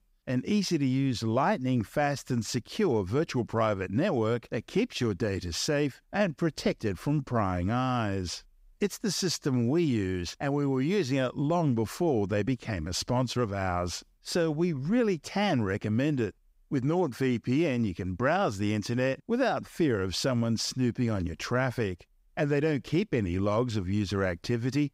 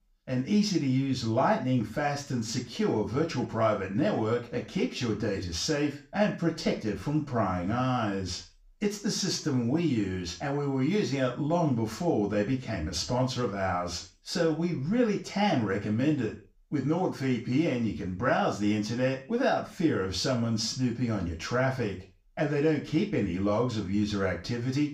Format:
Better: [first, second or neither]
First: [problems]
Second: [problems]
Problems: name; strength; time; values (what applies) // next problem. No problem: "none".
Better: first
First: none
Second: room echo; slight; dies away in 0.3 s // off-mic speech; far